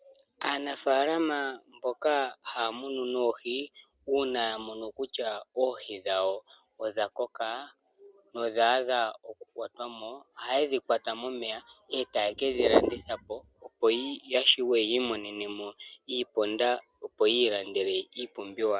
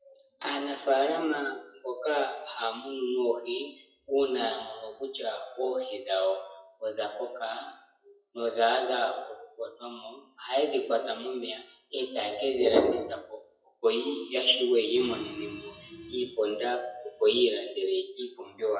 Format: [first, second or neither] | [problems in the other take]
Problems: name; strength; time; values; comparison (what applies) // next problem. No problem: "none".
first | noise reduction (classical method WPE with log-MMSE)